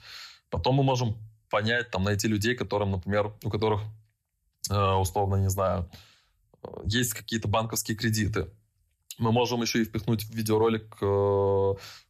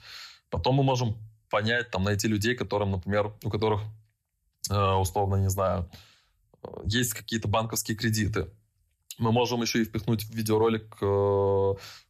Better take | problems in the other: neither | none

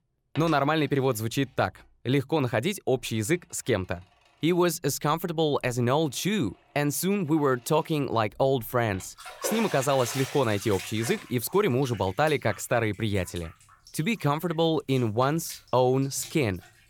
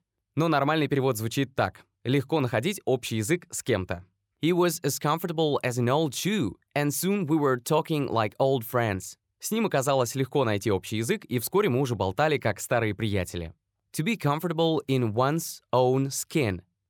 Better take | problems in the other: second | household noises; noticeable; throughout; 15 dB below the speech

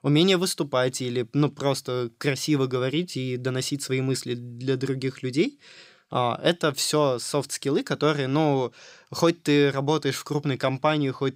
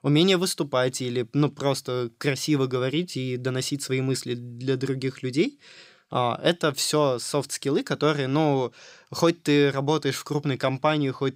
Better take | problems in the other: neither | none

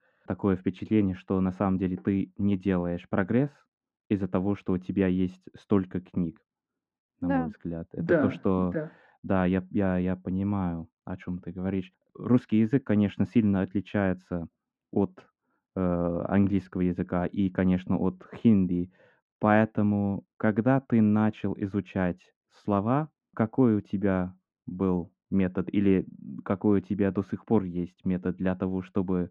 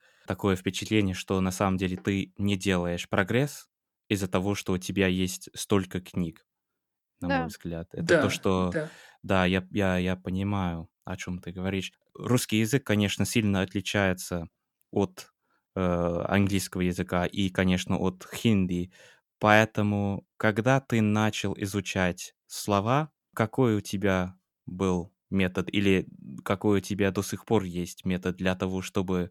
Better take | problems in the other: second | muffled; very; fading above 1.5 kHz

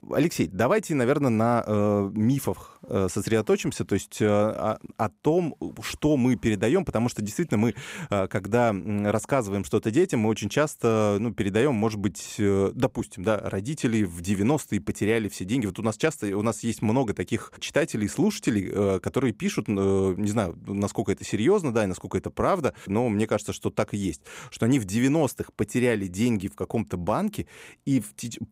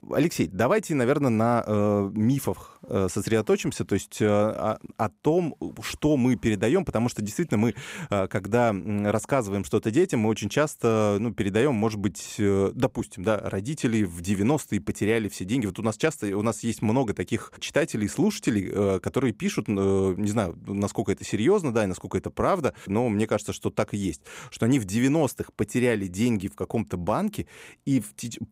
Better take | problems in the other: neither | none

